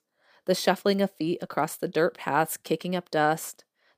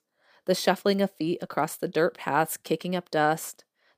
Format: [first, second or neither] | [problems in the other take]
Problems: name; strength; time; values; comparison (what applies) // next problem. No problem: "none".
neither | none